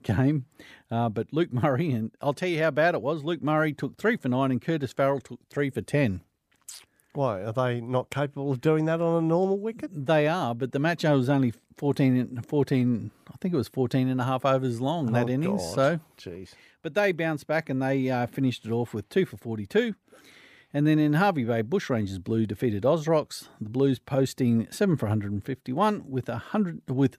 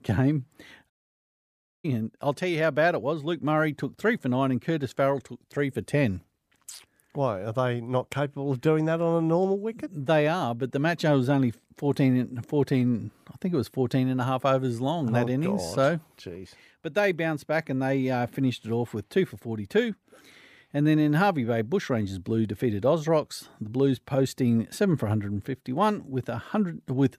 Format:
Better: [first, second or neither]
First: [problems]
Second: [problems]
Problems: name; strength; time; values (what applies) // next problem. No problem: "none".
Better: first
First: none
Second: audio cutting out; at 1 s for 1 s